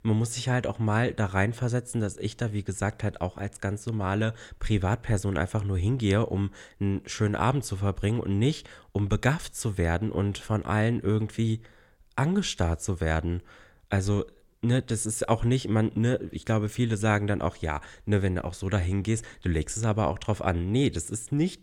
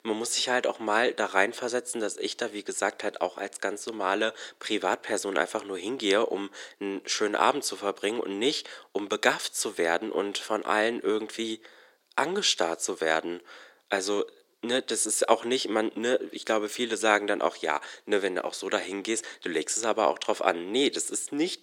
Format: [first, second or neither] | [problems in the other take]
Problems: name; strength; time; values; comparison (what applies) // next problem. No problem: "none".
first | thin; very; fading below 350 Hz